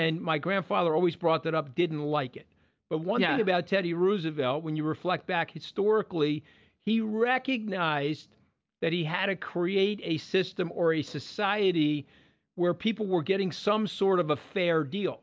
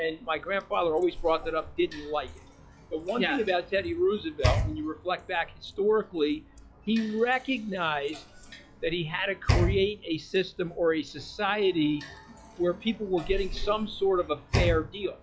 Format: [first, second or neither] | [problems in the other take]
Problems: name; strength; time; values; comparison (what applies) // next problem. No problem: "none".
first | noise reduction (classical method log-MMSE)